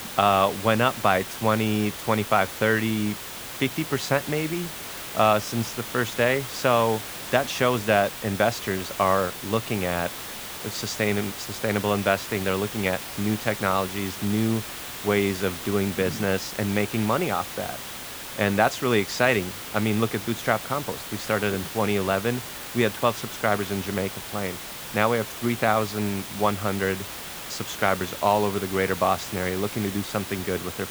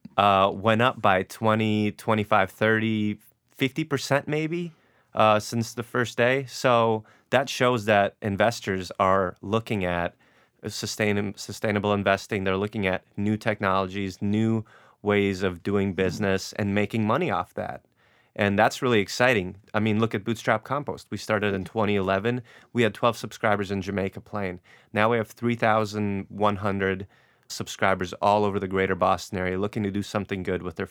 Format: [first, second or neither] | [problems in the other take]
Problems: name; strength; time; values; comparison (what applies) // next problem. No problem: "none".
second | hiss; loud; throughout; 9 dB below the speech